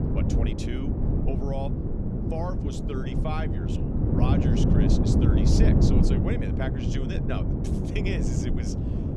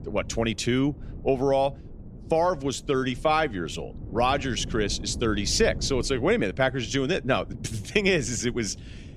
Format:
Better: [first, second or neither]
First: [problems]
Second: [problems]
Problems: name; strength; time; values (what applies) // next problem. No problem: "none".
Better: second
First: wind noise on the microphone; heavy; 3 dB above the speech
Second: wind noise on the microphone; occasional gusts; 25 dB below the speech